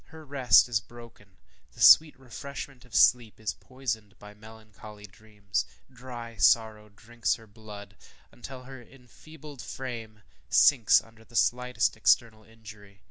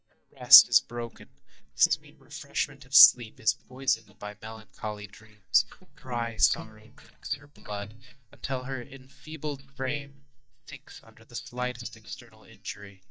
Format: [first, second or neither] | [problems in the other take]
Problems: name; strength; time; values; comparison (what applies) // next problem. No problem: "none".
first | noise reduction (neural mask model DeepFilterNet 3)